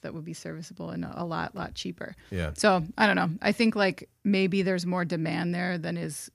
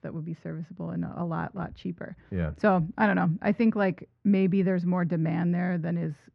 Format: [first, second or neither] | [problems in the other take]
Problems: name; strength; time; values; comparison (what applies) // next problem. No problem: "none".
first | muffled; very; fading above 1.5 kHz